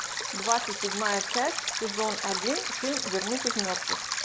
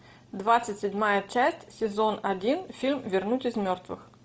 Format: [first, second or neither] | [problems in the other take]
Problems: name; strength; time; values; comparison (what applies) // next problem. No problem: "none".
second | background sound (Stream); as loud as the speech